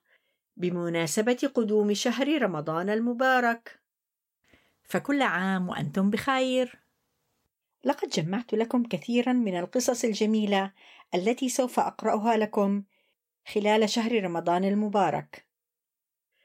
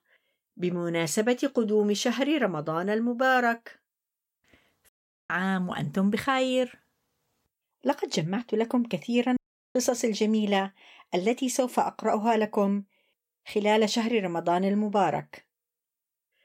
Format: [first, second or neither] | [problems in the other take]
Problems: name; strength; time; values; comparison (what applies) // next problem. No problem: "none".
first | audio cutting out; at 5 s and at 9.5 s